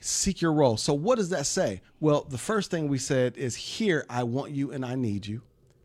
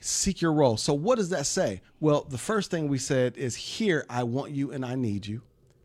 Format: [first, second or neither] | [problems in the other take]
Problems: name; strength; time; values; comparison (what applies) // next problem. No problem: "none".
neither | none